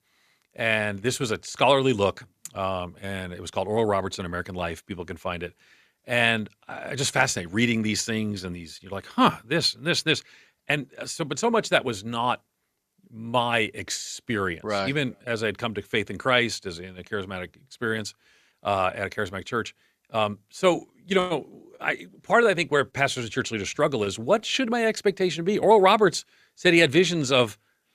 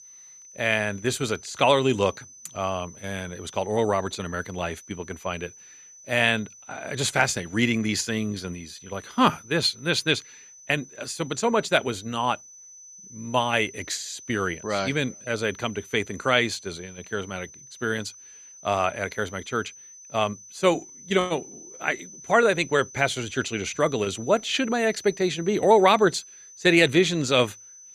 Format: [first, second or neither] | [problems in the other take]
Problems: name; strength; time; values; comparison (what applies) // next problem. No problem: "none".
first | high-pitched whine; noticeable; throughout; 6 kHz, 20 dB below the speech